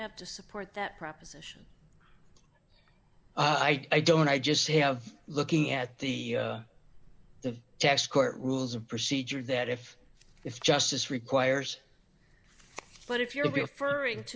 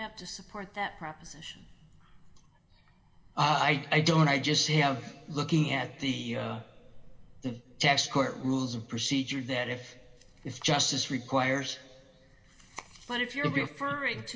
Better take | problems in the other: first | room echo; dies away in 1.4 s

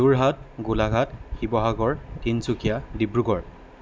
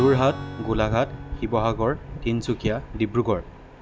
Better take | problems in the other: first | background sound (Strum); 14 dB below the speech

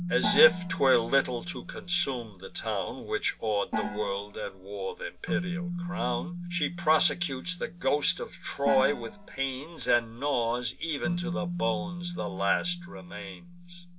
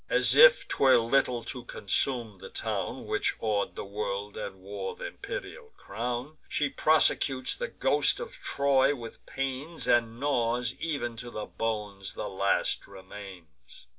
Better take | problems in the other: second | background sound (Gong + Keyboard (musical)); 7 dB below the speech

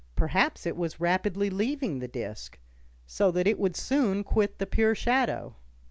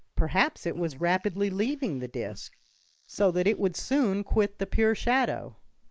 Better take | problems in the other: first | noise reduction (neural mask model Resemble Enhance denoiser)

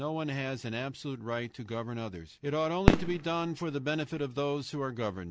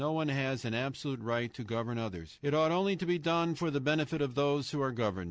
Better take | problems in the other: second | background sound (Fireworks); 3 dB above the speech

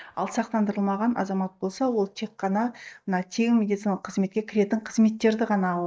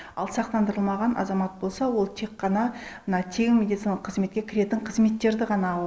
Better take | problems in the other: second | noise reduction (neural mask model DeepFilterNet 3)

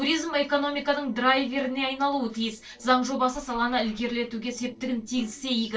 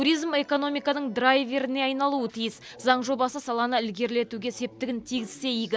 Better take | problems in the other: second | noise reduction (neural separator model SepFormer DNS4)

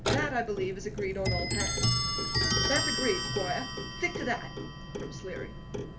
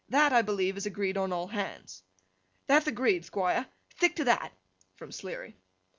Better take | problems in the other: second | background sound (Clock); 3 dB above the speech // room echo; dies away in 0.3 s

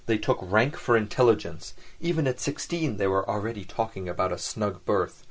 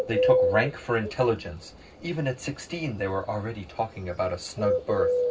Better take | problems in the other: first | background sound (Bird); as loud as the speech // room echo; dies away in 0.4 s

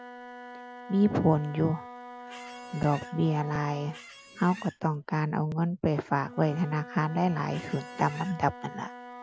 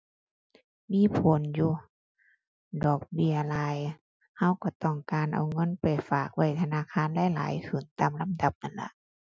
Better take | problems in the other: second | background sound (Squeak + Wind instrument, woodwind instrument); 15 dB below the speech

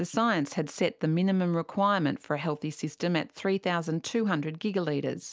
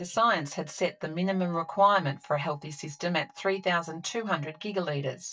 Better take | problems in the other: first | noise reduction (neural mask model DeepFilterNet 3)

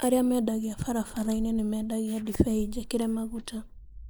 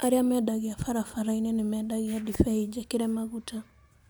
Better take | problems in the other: second | noise reduction (neural mask model Resemble Enhance denoiser)

